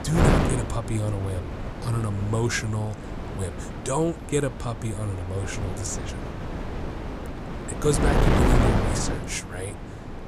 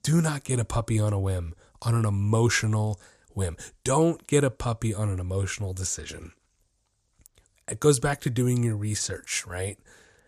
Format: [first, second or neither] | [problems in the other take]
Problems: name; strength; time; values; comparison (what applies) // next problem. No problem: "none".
second | wind noise on the microphone; heavy; as loud as the speech